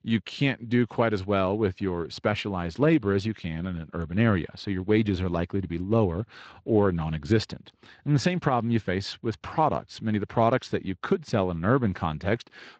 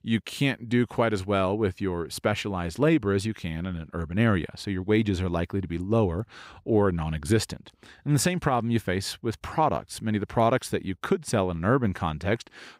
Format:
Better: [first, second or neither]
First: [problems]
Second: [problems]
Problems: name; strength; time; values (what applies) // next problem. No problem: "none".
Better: second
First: garbled, watery; slightly; nothing above 7.5 kHz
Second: none